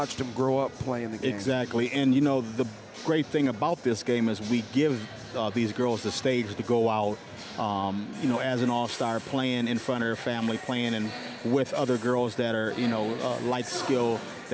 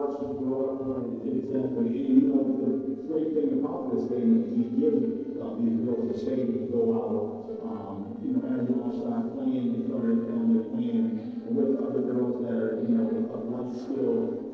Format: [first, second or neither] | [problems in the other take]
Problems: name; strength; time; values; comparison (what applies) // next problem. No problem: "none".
first | noise reduction (neural separator model SepFormer DNS4)